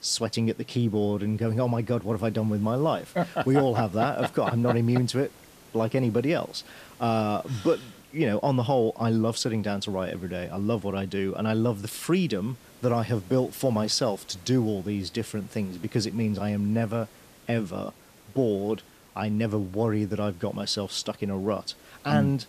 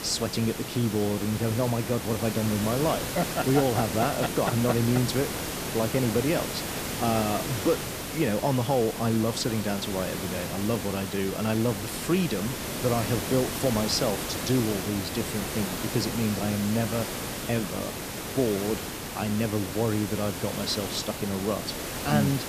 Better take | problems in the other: first | hiss; loud; throughout; 4 dB below the speech; faint in the first

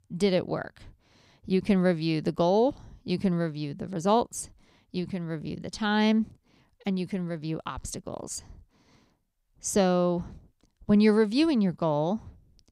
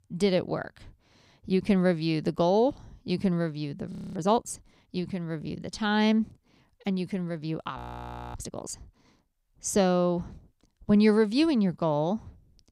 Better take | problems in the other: first | audio freezing; at 4 s and at 8 s for 0.5 s

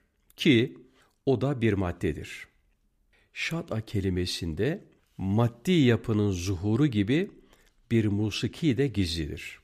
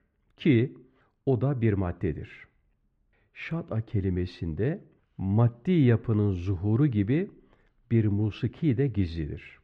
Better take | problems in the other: first | muffled; very; fading above 2 kHz

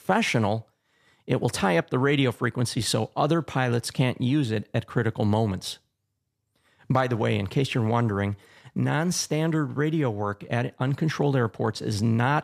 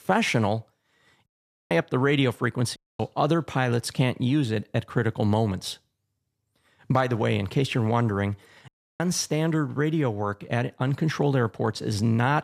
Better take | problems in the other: first | audio cutting out; at 1.5 s, at 3 s and at 8.5 s

